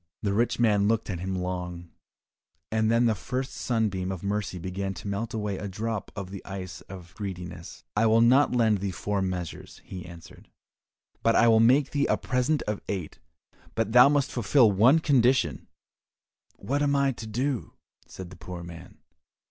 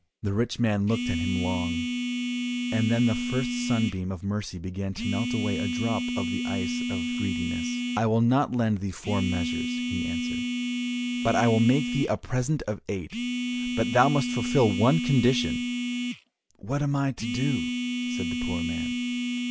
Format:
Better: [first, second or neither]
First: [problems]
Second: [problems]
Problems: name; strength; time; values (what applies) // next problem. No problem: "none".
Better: first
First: none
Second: background sound (Telephone); 2 dB below the speech